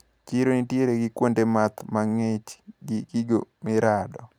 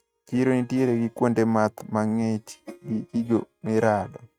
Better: first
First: none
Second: noise reduction (neural mask model RNNoise)

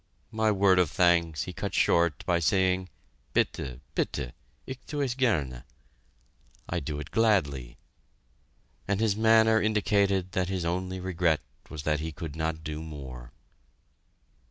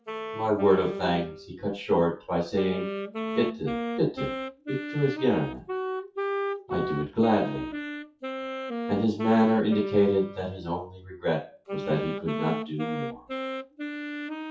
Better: first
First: none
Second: noise reduction (classical method WPE with log-MMSE)

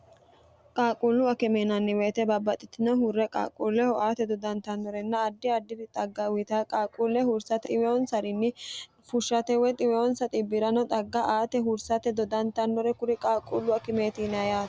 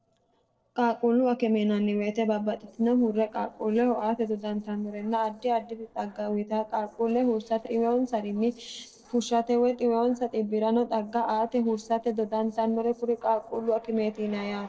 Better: first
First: none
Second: noise reduction (neural separator model SepFormer DNS4)

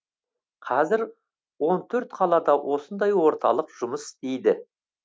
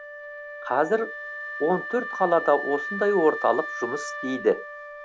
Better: first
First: none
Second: background sound (Wind instrument, woodwind instrument); 9 dB below the speech

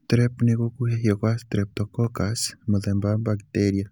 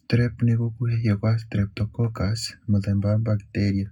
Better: first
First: none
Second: room echo; dies away in 0.3 s

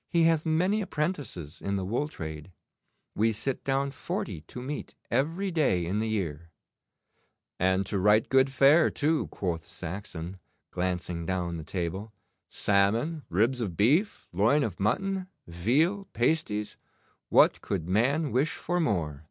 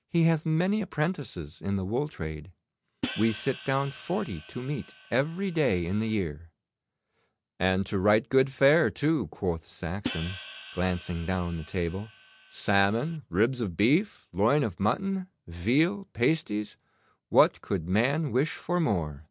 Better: first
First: none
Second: background sound (Hi-hat); 14 dB below the speech

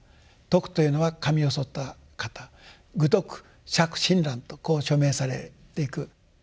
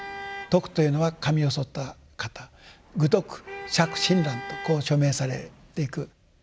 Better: first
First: none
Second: background sound (Traffic noise, roadway noise / Vehicle horn, car horn, honking); 16 dB below the speech

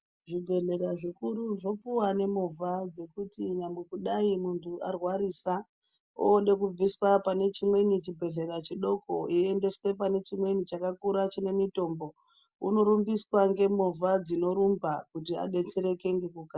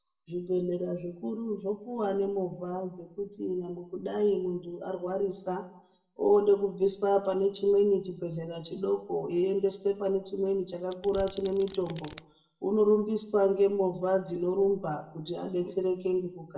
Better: first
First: none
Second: background sound (Domestic sounds, home sounds); 18 dB below the speech // room echo; dies away in 0.6 s

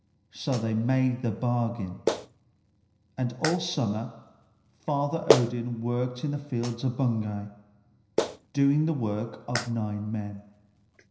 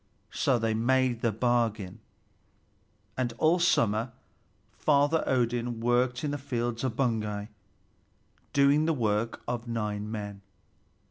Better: second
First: background sound (Clapping); 5 dB below the speech // room echo; dies away in 0.9 s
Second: none

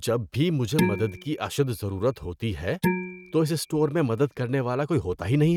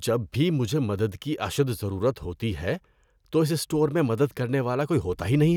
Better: second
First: noise reduction (neural mask model RNNoise)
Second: none

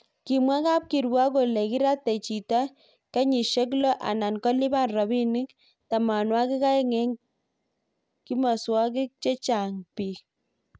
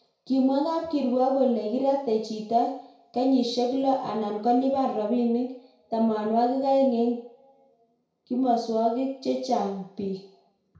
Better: first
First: none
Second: room echo; dies away in 0.5 s

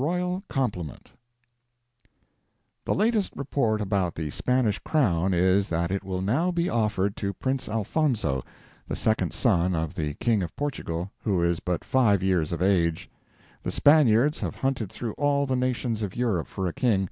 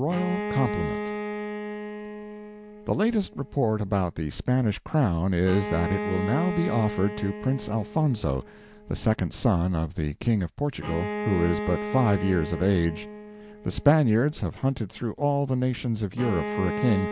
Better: first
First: none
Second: background sound (Bowed string instrument); 9 dB below the speech

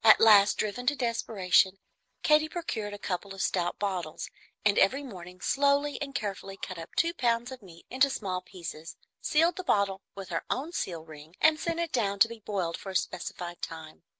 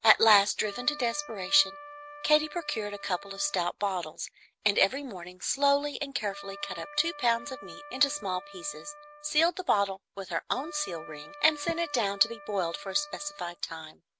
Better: first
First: none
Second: background sound (Wind instrument, woodwind instrument); 16 dB below the speech

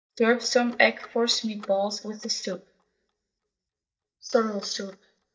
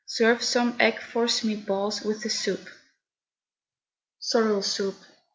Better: second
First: noise reduction (neural mask model DeepFilterNet 3)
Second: none

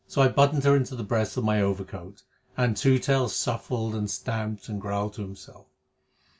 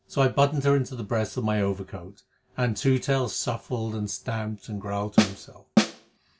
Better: first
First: none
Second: background sound (Snare drum); 3 dB above the speech

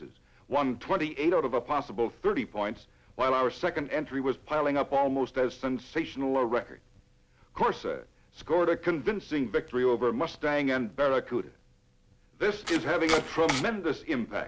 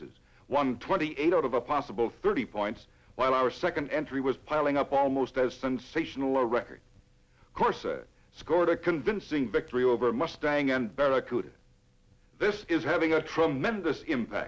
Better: second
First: background sound (Domestic sounds, home sounds); 4 dB below the speech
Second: none

